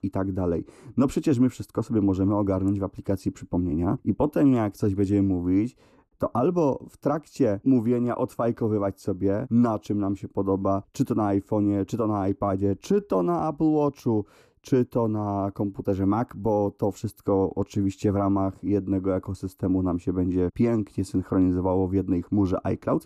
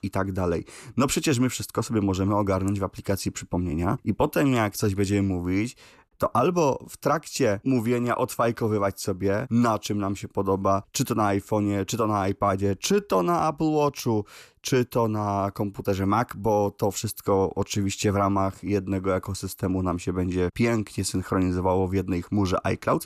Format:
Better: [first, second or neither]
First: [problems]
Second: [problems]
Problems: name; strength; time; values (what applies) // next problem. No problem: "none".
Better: second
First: muffled; slightly; fading above 1 kHz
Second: none